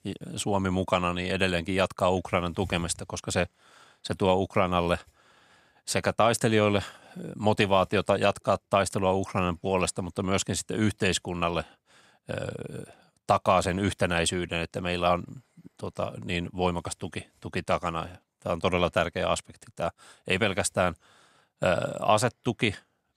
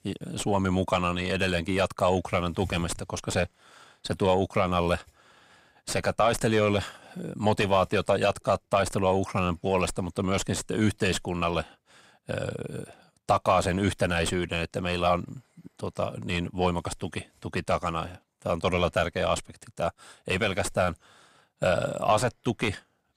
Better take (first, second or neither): first